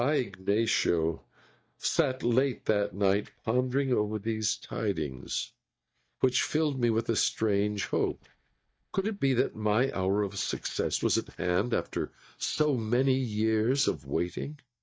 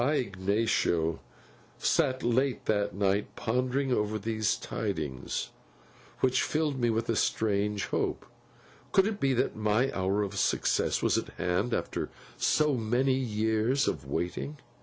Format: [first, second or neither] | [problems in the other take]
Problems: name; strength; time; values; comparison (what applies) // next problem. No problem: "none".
second | noise reduction (neural mask model DeepFilterNet 3)